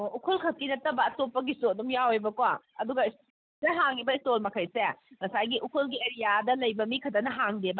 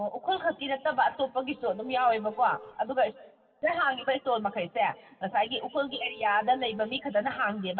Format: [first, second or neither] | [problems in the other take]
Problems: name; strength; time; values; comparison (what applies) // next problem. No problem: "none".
first | background sound (Vehicle horn, car horn, honking); 19 dB below the speech // room echo; dies away in 1.5 s